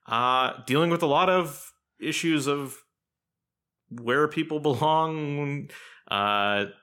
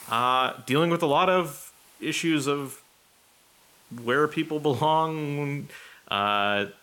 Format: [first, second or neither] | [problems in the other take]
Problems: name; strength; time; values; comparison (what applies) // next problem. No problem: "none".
first | hiss; faint; throughout; 30 dB below the speech